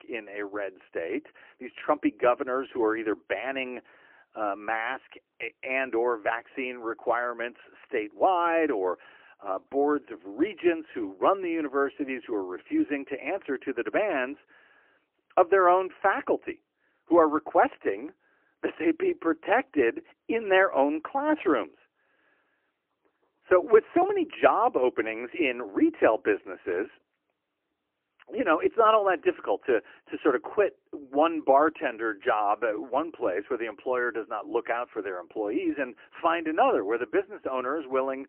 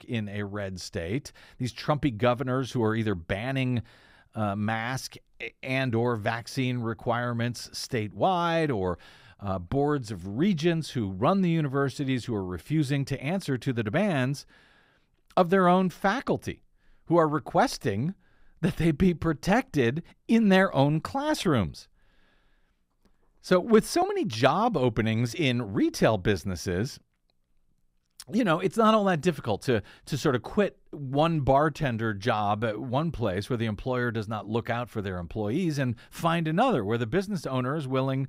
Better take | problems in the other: second | phone-call audio; poor line; nothing above 3 kHz

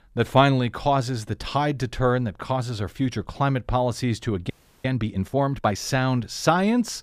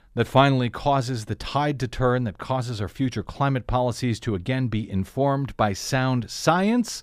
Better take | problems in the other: second | audio freezing; at 4.5 s

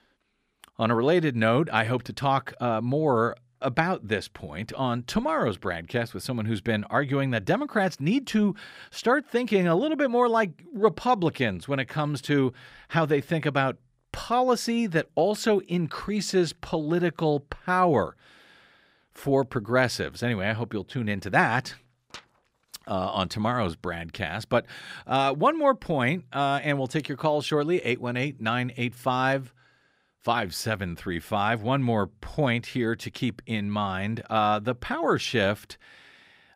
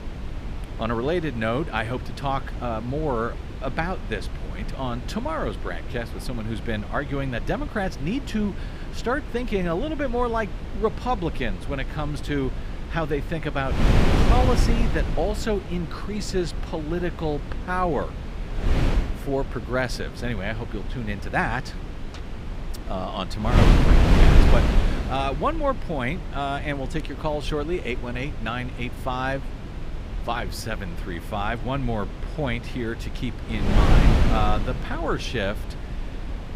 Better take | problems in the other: first | wind noise on the microphone; heavy; 6 dB below the speech

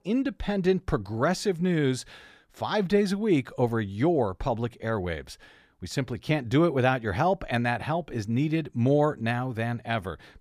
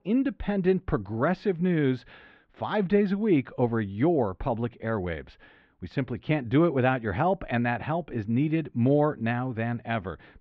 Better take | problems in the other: first | muffled; very; fading above 3 kHz

